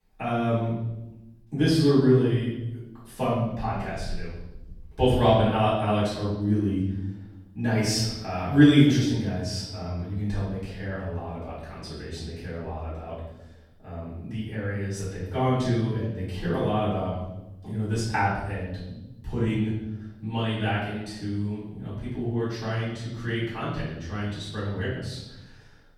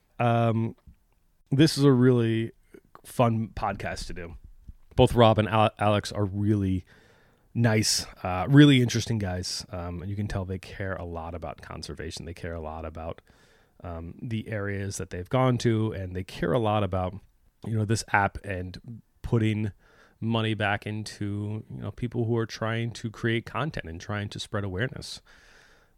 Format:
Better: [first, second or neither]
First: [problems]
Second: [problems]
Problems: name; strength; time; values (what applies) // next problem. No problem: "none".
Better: second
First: off-mic speech; far // room echo; noticeable; dies away in 0.9 s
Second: none